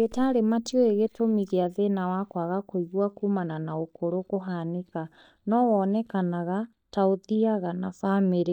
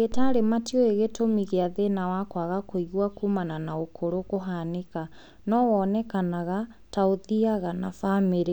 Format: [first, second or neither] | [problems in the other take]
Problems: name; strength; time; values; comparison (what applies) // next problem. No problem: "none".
second | noise reduction (neural mask model DeepFilterNet 3)